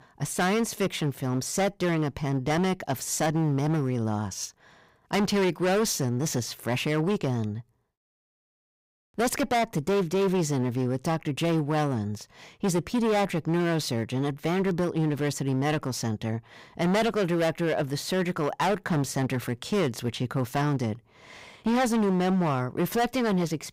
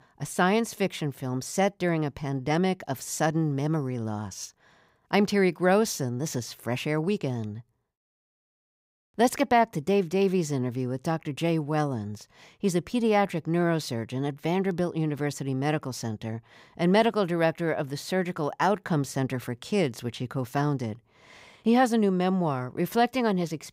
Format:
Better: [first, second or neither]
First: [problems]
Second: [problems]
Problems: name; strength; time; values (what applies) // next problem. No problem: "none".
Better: second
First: distortion; heavy; 14% of the sound clipped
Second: none